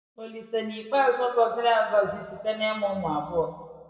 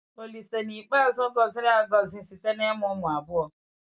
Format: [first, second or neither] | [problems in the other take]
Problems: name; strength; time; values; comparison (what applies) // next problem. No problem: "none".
second | room echo; dies away in 1.4 s